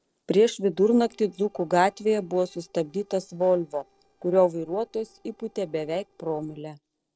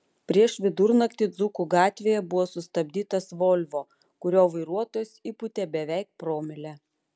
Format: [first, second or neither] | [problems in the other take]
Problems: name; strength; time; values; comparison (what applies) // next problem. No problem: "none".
second | noise reduction (neural separator model SepFormer DNS4)